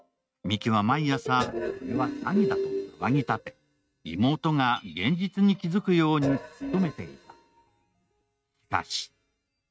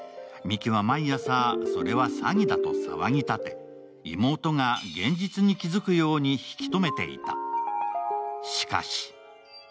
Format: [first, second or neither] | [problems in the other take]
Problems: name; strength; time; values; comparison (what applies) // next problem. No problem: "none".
second | noise reduction (neural mask model RNNoise)